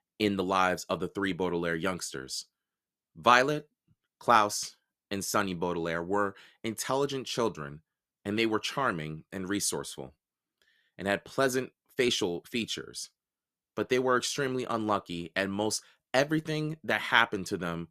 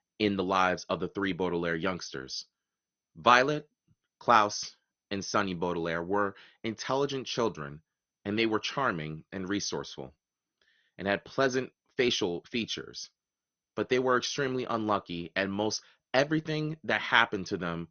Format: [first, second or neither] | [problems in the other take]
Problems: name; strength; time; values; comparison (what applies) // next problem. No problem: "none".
first | garbled, watery; slightly; nothing above 6.5 kHz